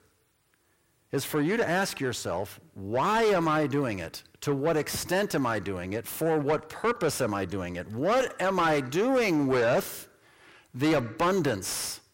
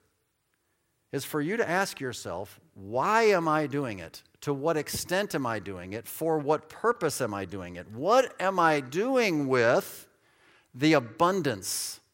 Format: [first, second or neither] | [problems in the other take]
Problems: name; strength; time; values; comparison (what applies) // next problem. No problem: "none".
second | distortion; heavy; 7 dB below the speech